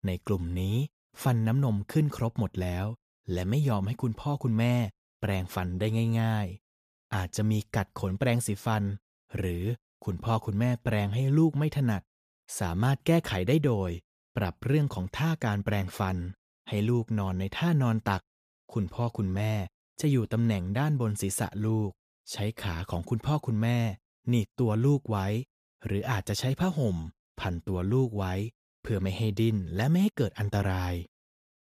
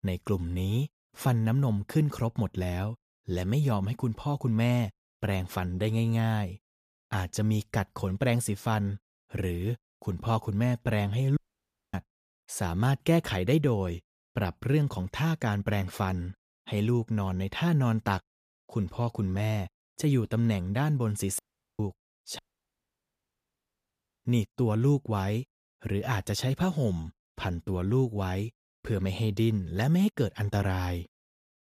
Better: first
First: none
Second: audio cutting out; at 11 s for 0.5 s, at 21 s and at 22 s for 2 s

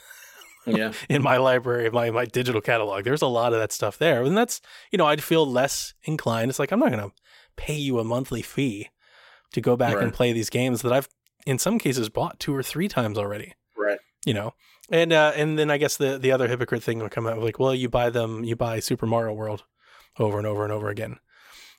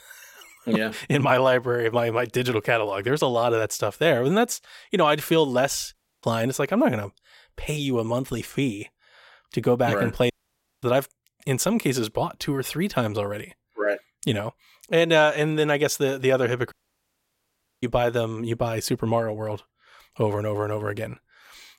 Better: first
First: none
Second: audio cutting out; at 6 s, at 10 s for 0.5 s and at 17 s for 1 s

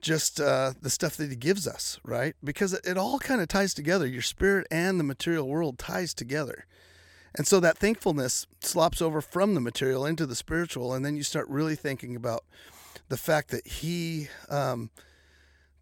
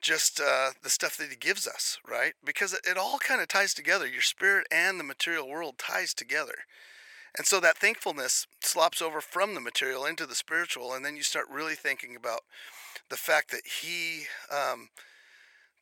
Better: first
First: none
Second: thin; very; fading below 700 Hz

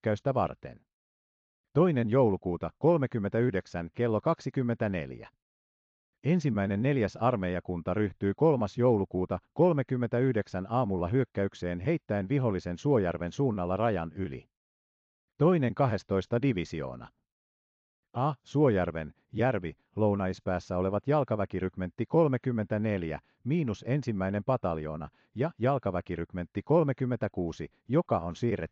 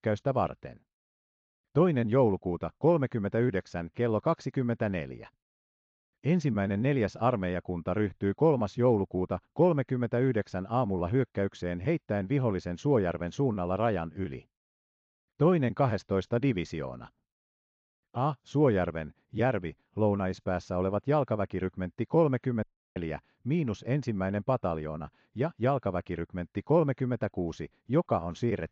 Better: first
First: none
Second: audio cutting out; at 23 s

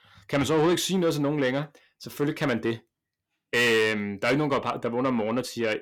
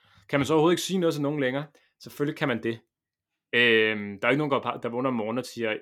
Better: second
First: distortion; slight; 10 dB below the speech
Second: none

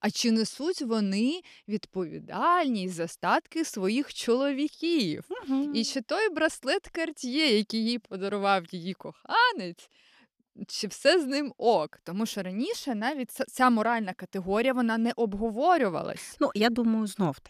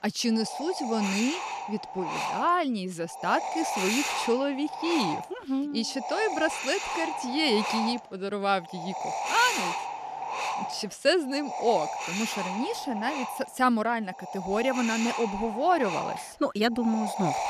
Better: first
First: none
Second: wind noise on the microphone; heavy; 3 dB below the speech

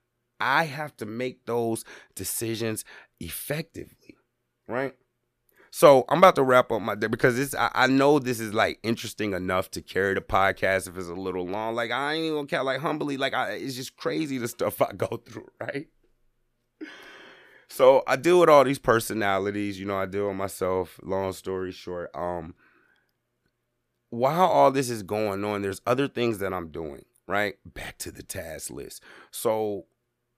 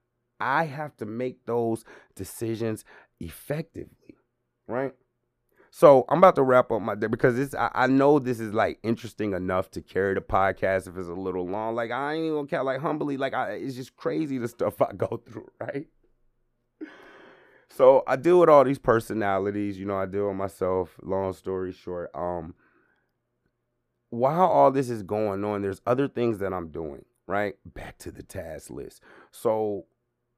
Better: first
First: none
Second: muffled; slightly; fading above 2 kHz

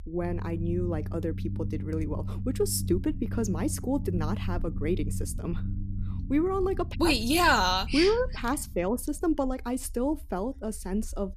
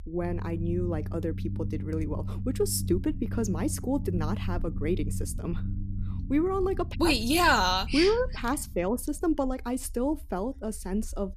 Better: neither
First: low rumble; noticeable; throughout; 20 dB below the speech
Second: low rumble; noticeable; throughout; 20 dB below the speech

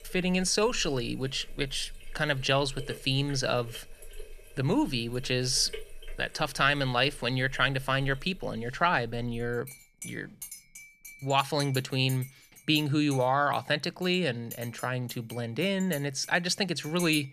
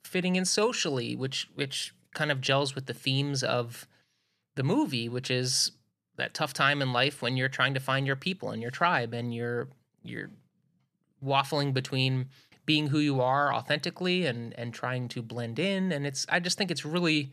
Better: second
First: household noises; noticeable; throughout; 20 dB below the speech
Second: none

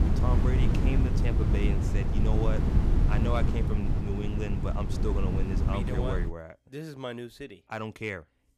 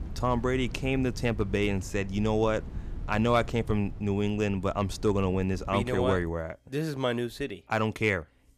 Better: second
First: wind noise on the microphone; heavy; until 6.5 s; 1 dB below the speech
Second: wind noise on the microphone; occasional gusts; until 6.5 s; 25 dB below the speech

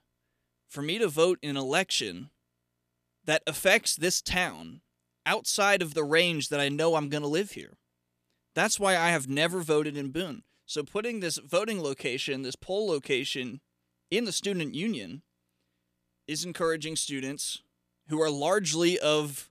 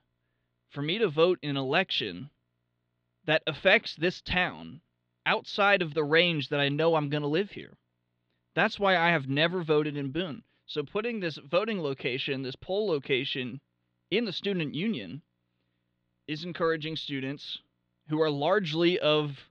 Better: first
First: none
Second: muffled; slightly; fading above 4 kHz

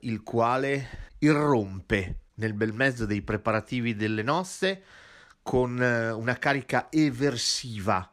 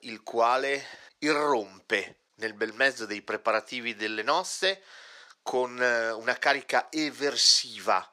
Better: first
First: none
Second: thin; somewhat; fading below 550 Hz

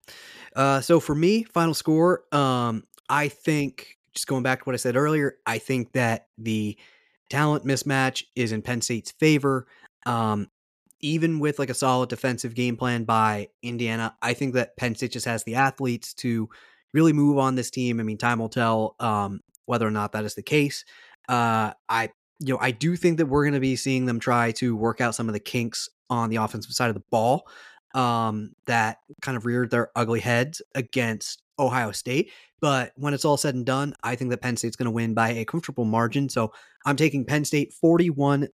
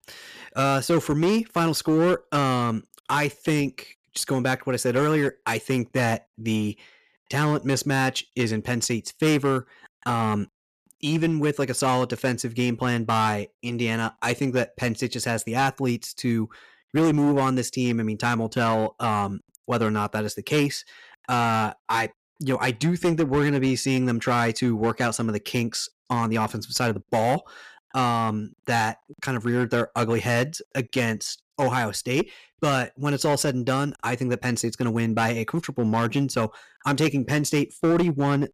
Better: first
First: none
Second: distortion; slight; 8% of the sound clipped

